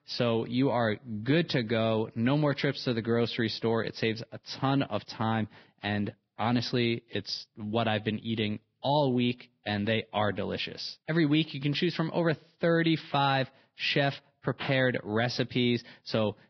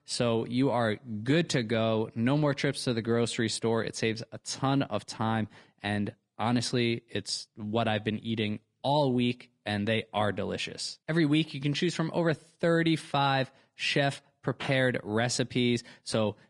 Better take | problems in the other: second | garbled, watery; badly; nothing above 5.5 kHz; slightly in the second

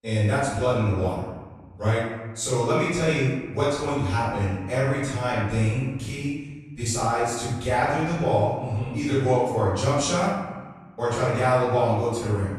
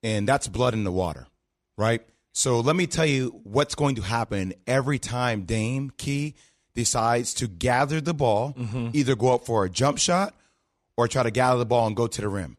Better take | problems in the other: second | room echo; strong; dies away in 1.2 s // off-mic speech; far

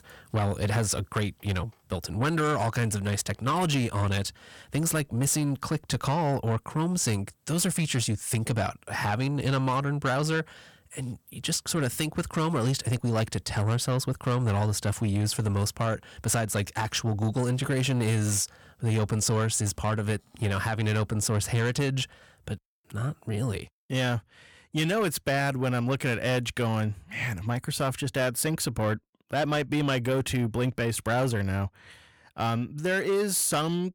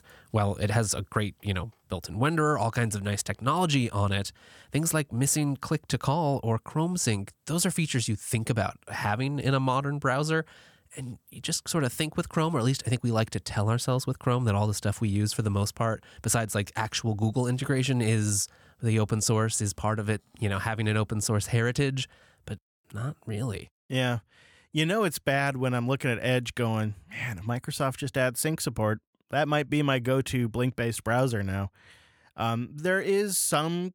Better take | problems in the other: second | distortion; slight; 10 dB below the speech

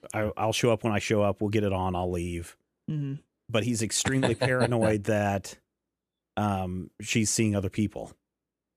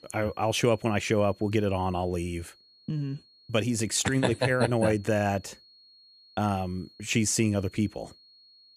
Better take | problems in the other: first | high-pitched whine; faint; throughout; 4.5 kHz, 25 dB below the speech

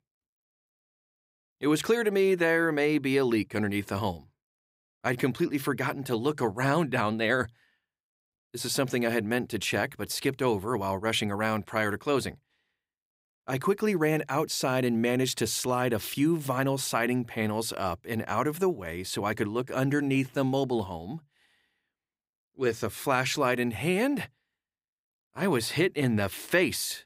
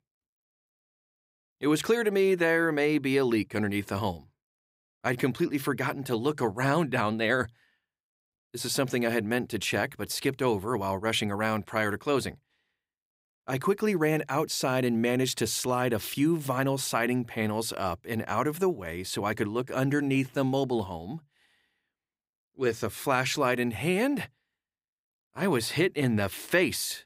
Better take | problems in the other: neither | none

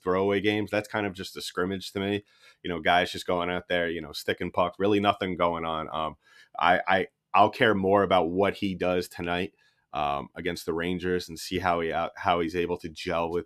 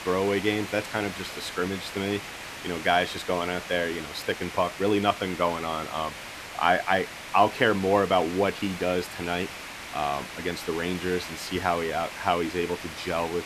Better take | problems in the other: first | hiss; loud; throughout; 10 dB below the speech

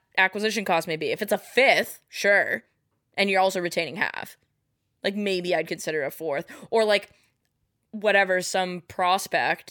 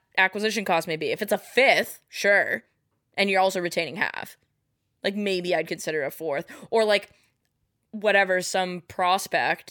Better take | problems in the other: neither | none

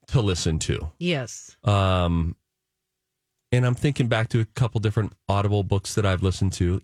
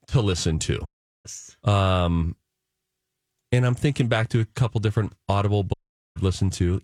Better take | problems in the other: first | audio cutting out; at 1 s and at 5.5 s

